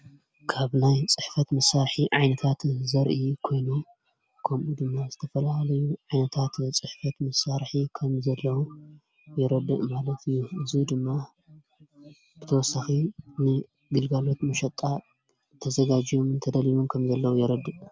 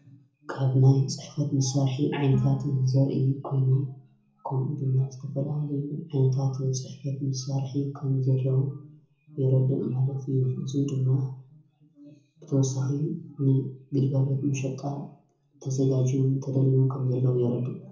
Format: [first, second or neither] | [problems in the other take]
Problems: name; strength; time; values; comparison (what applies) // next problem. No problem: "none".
first | background sound (Bowed string instrument); 18 dB below the speech // room echo; dies away in 0.6 s